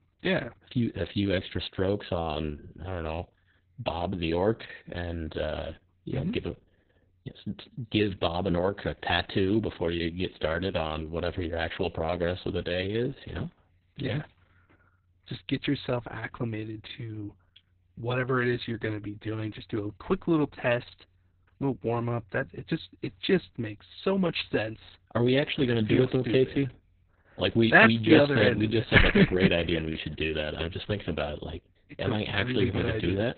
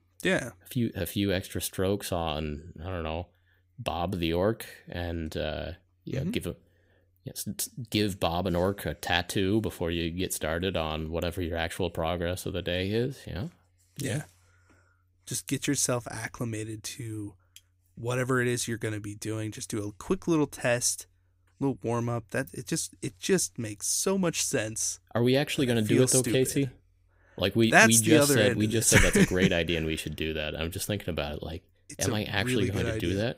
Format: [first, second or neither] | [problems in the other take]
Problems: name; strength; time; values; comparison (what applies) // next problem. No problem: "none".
second | garbled, watery; badly; nothing above 4 kHz